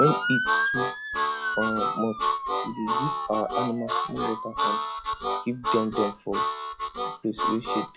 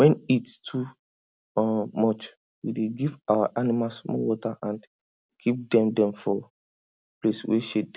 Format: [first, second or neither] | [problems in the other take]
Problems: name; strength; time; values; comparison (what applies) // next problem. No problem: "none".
second | noise reduction (classical method log-MMSE)